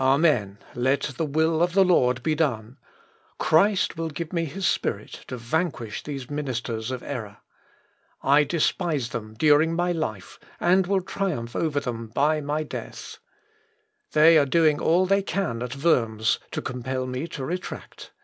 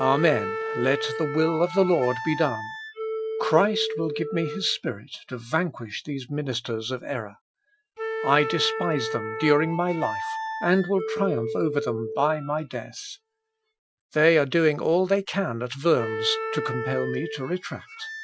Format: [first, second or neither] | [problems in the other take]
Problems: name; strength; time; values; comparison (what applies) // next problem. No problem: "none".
first | noise reduction (classical method Wiener filter)